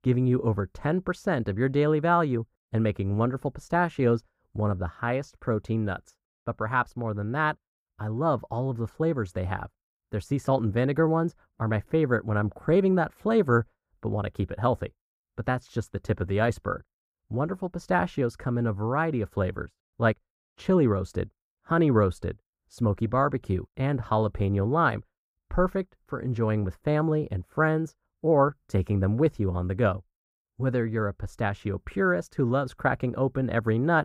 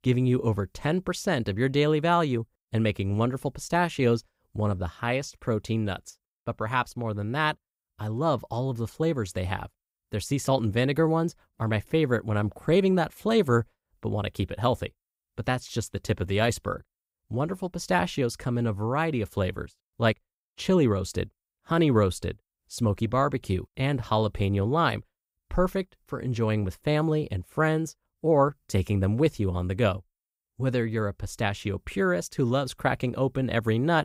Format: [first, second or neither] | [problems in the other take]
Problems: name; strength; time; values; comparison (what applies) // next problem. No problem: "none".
second | muffled; slightly; fading above 2 kHz